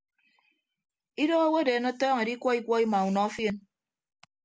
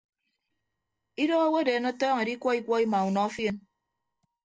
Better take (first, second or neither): first